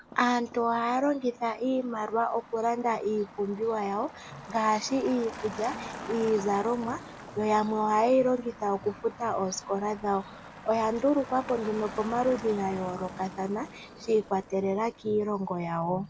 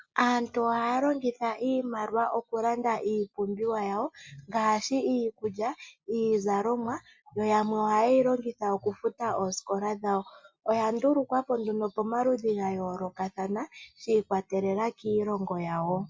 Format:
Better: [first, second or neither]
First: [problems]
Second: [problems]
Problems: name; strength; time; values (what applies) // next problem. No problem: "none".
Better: second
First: background sound (Motor vehicle (road)); 16 dB below the speech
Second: none